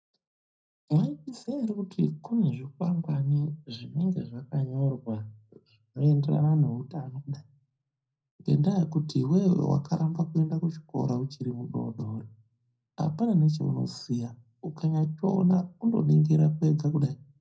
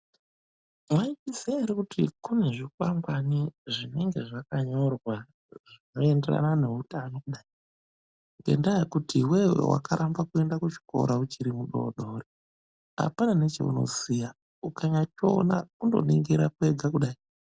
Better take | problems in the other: second | room echo; dies away in 0.3 s

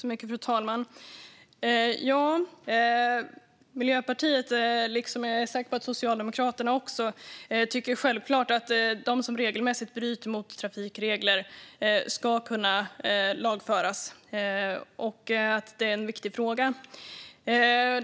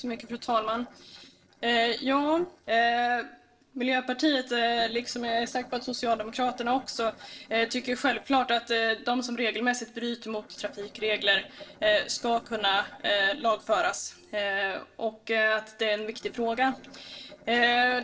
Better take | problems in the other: first | noise reduction (neural separator model SepFormer DNS4)

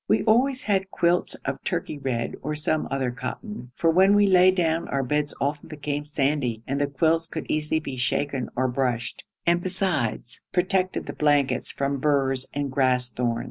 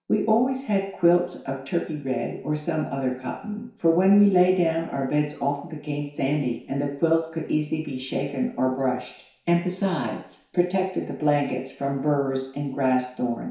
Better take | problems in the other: first | room echo; dies away in 0.6 s

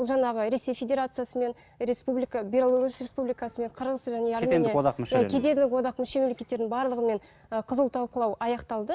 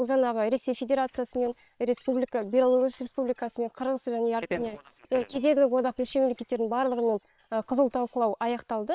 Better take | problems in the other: first | noise reduction (neural separator model SepFormer WHAM!)

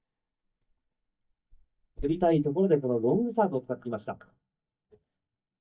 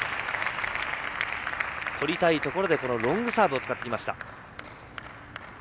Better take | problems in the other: second | noise reduction (neural mask model DeepFilterNet 3)

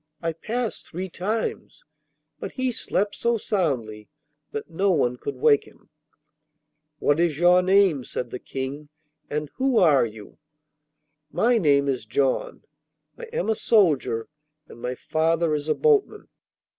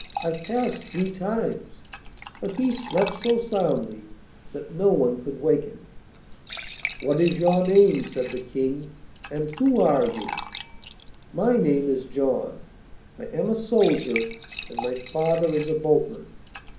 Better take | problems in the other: first | background sound (Fill (with liquid) / Trickle, dribble / Glass); 14 dB below the speech // room echo; dies away in 0.6 s

